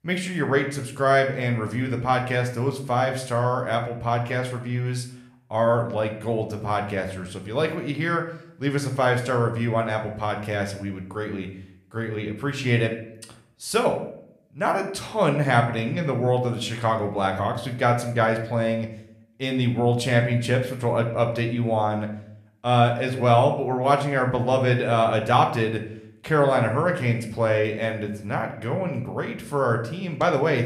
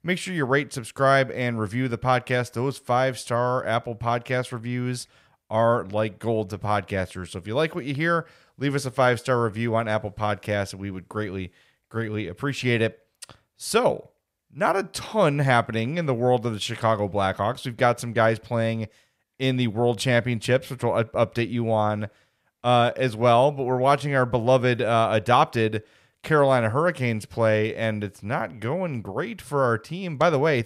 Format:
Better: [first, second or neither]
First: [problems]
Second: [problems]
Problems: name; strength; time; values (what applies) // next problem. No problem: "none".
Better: second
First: room echo; slight; dies away in 0.5 s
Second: none